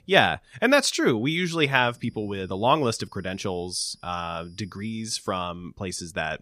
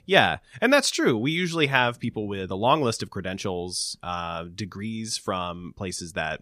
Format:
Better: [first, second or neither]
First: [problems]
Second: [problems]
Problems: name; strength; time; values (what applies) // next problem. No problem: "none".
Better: second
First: high-pitched whine; faint; from 1.5 to 5.5 s; 5 kHz, 35 dB below the speech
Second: none